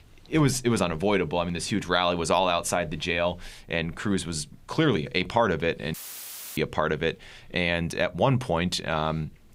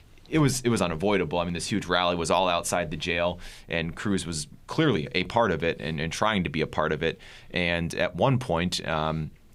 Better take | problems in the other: second | audio cutting out; filled with static; at 6 s for 0.5 s

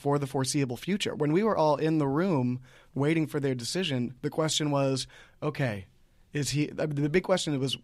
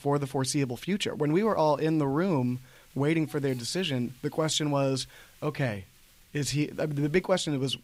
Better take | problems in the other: first | hiss; faint; throughout; 30 dB below the speech

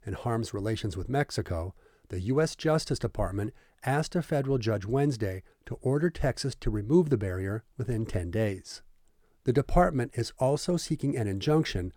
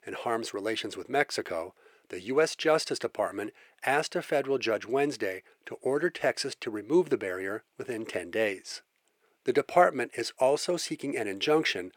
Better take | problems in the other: first | thin; somewhat; fading below 450 Hz

